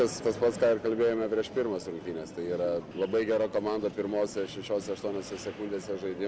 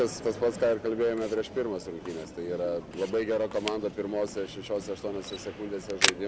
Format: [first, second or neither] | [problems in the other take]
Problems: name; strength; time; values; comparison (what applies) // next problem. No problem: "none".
first | background sound (Camera); 8 dB below the speech